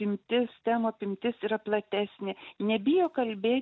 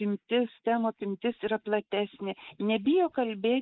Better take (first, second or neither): first